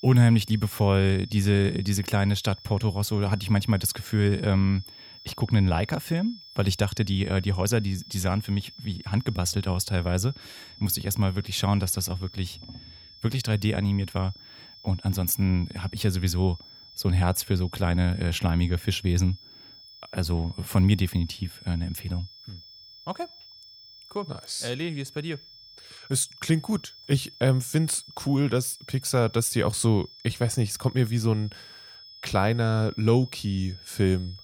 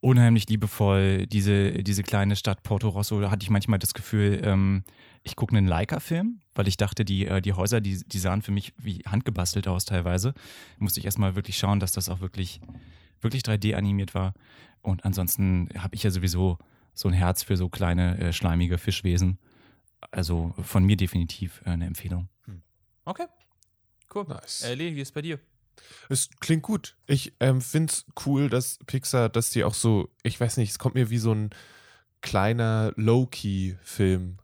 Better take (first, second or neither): second